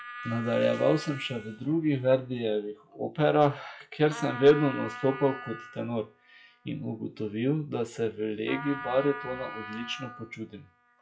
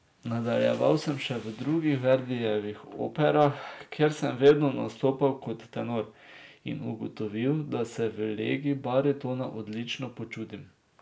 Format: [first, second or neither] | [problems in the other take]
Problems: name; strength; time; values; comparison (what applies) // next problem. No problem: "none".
second | noise reduction (classical method log-MMSE)